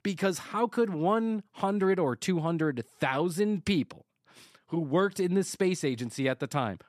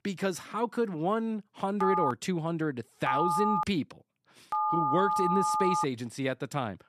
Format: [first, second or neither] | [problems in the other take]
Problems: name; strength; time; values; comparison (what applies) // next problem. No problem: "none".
first | phone ringing; loud; from 2 to 6 s; peak 4 dB above the speech